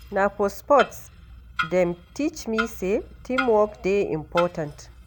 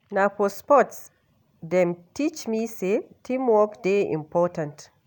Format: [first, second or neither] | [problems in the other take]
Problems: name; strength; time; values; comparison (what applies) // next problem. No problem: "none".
second | background sound (Clock); 10 dB below the speech